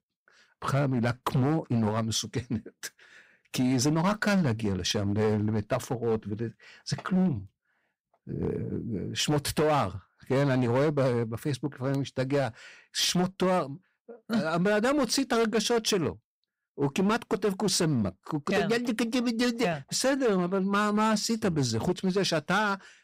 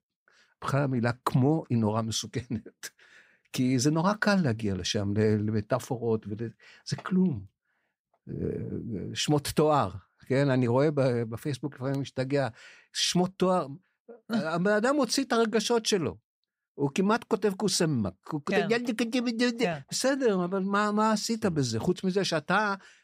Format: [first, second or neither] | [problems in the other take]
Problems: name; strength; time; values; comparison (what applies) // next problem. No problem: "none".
second | distortion; slight; 9% of the sound clipped